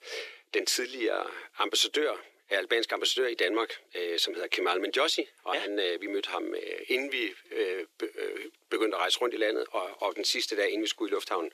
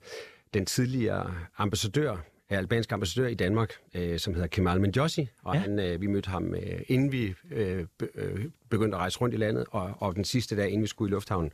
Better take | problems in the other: second | thin; very; fading below 350 Hz

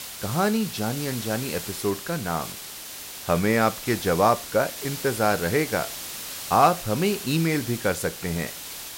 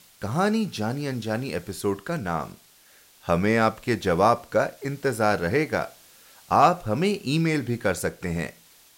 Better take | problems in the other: second | hiss; loud; throughout; 9 dB below the speech; faint in the second

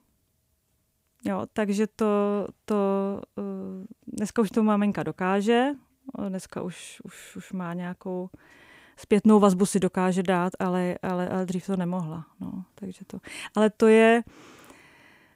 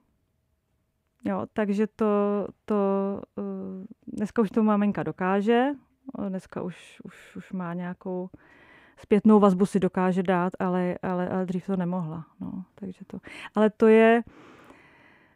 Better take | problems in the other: first | muffled; slightly; fading above 3.5 kHz

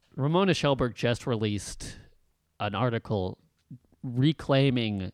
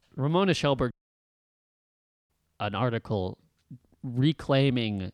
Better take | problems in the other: first | audio cutting out; at 1 s for 1.5 s

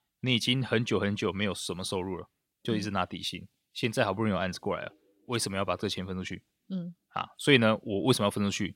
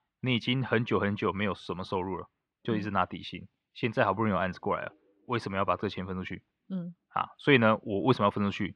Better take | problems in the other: first | muffled; very; fading above 2 kHz

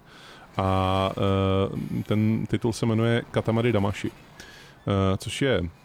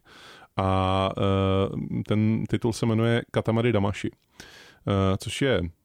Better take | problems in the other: second | wind noise on the microphone; occasional gusts; 20 dB below the speech

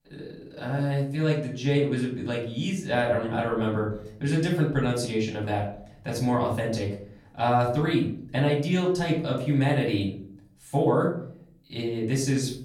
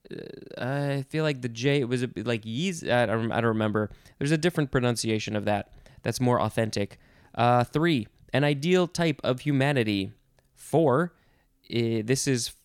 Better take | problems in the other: second | off-mic speech; far // room echo; slight; dies away in 0.5 s

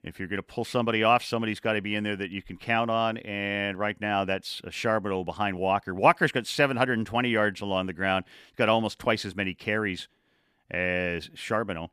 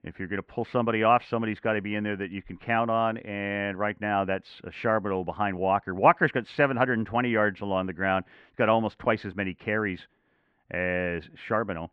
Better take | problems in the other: first | muffled; very; fading above 1.5 kHz

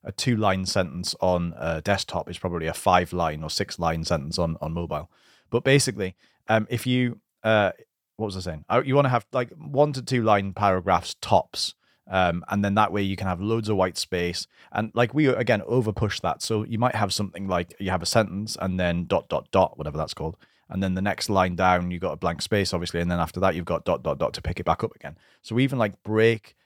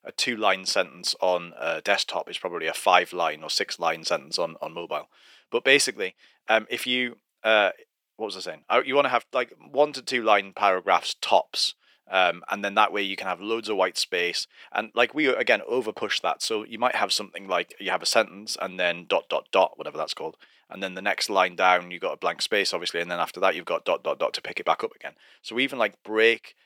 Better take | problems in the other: first | thin; somewhat; fading below 350 Hz

